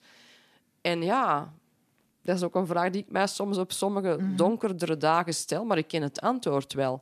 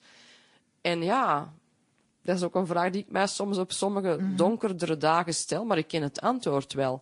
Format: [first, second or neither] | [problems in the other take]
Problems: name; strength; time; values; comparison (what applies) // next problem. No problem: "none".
first | garbled, watery; slightly; nothing above 10.5 kHz